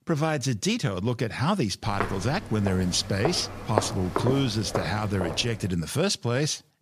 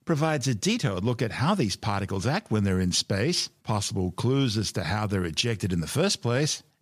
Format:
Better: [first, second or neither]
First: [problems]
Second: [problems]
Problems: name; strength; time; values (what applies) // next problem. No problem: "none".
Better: second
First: footsteps; noticeable; from 2 to 5.5 s; peak 1 dB below the speech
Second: none